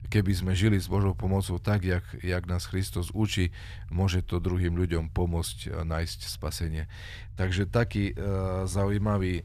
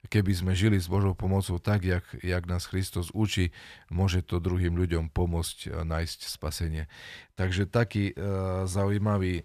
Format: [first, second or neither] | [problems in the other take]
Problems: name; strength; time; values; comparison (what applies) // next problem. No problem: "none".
second | low rumble; faint; throughout; 25 dB below the speech